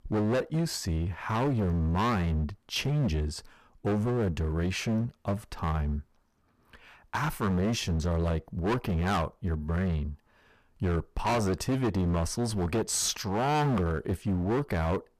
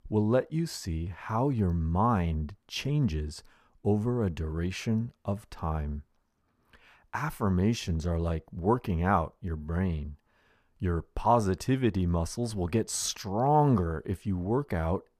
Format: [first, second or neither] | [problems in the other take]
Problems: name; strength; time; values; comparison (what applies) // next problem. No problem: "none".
second | distortion; heavy; 19% of the sound clipped